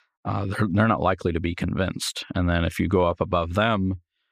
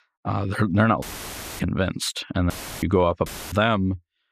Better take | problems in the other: first | audio cutting out; filled with static; at 1 s for 0.5 s, at 2.5 s and at 3.5 s

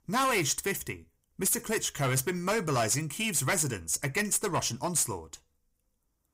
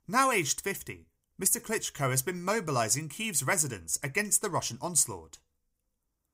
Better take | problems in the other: second | distortion; heavy; 7 dB below the speech

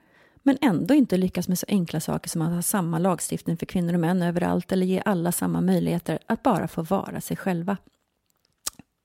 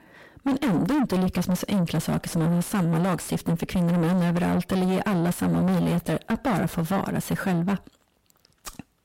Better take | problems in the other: first | distortion; heavy; 5 dB below the speech

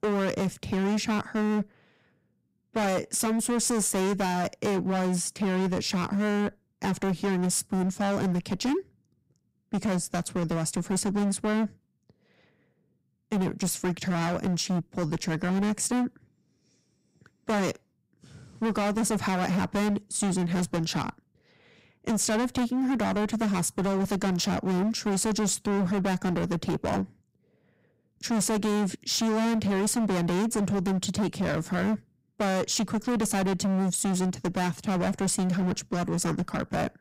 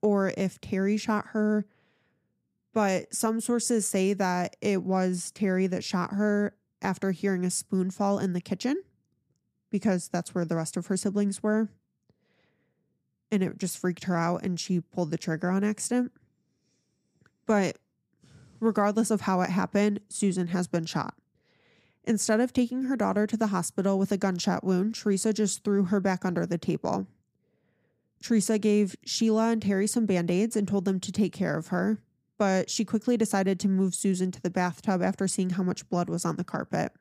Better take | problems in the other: second | distortion; heavy; 25% of the sound clipped

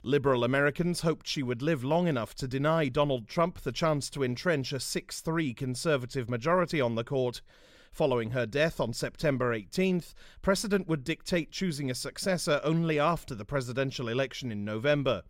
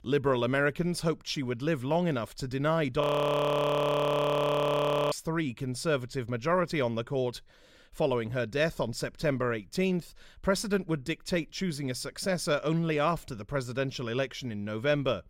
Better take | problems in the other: first | audio freezing; at 3 s for 2 s

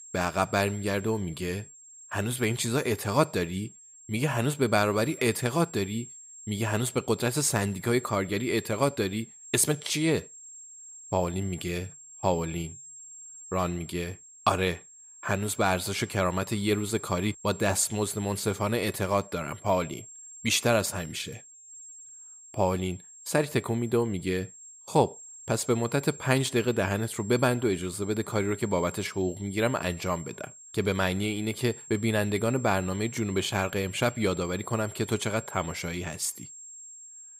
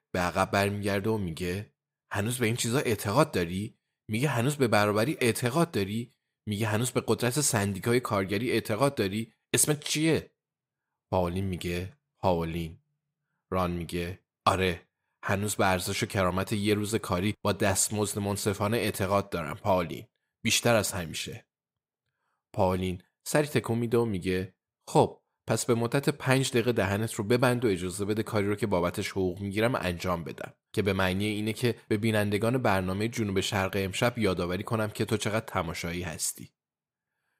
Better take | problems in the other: second | high-pitched whine; noticeable; throughout; 7.5 kHz, 15 dB below the speech

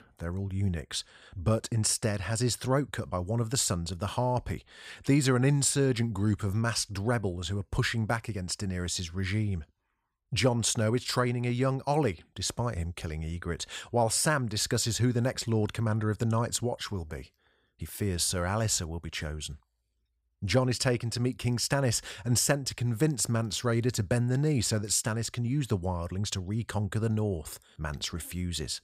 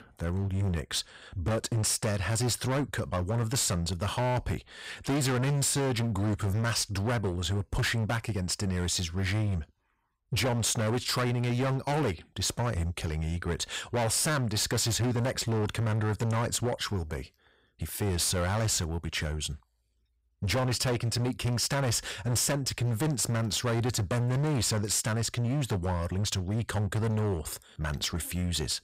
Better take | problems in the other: first | distortion; heavy; 23% of the sound clipped

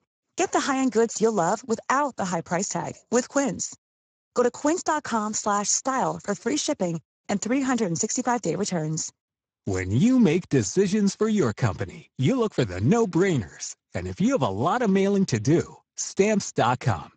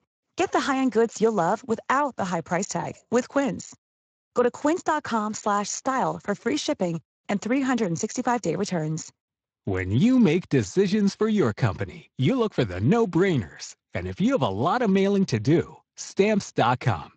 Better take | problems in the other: second | garbled, watery; badly; nothing above 7.5 kHz; slightly in the second

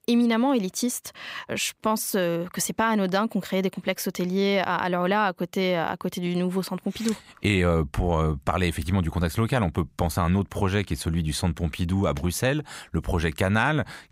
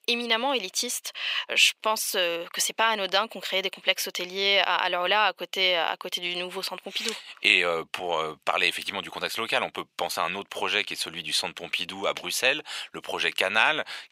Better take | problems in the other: first | thin; very; fading below 600 Hz

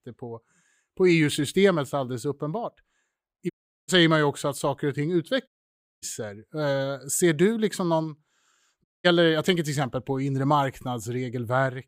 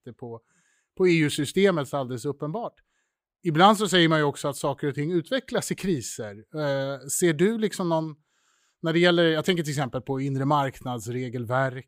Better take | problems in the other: second | audio cutting out; at 3.5 s, at 5.5 s for 0.5 s and at 9 s

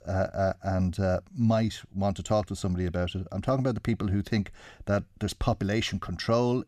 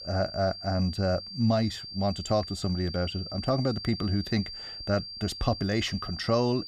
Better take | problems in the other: first | high-pitched whine; loud; throughout; 4.5 kHz, 9 dB below the speech

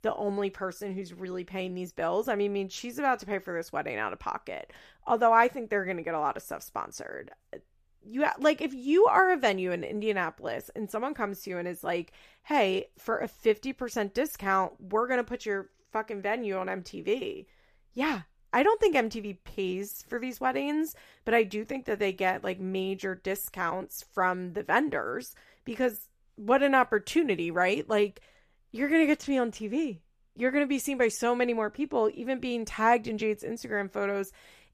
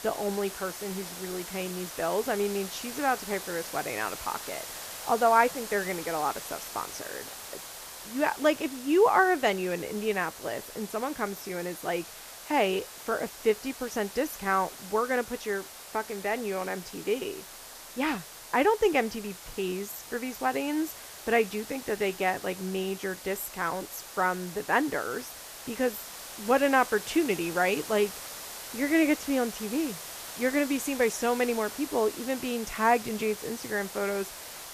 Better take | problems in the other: first | hiss; noticeable; throughout; 10 dB below the speech

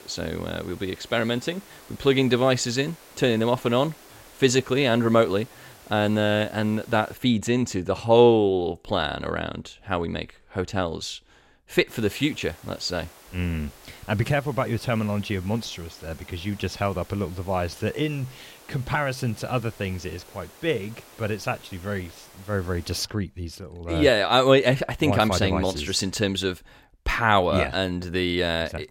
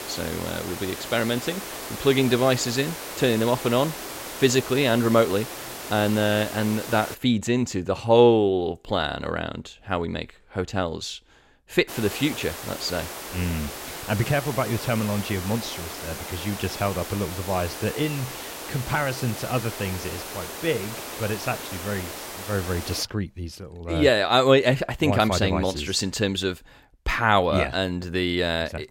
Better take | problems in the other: first | hiss; loud; until 7 s and from 12 to 23 s; 10 dB below the speech; faint in the first

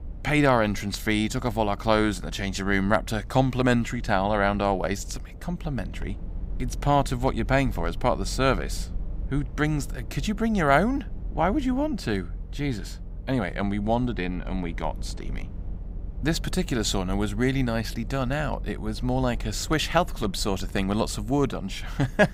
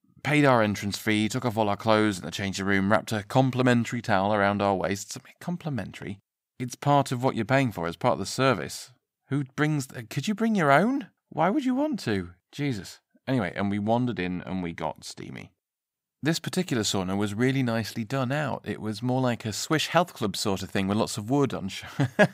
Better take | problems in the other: second | low rumble; faint; throughout; 25 dB below the speech

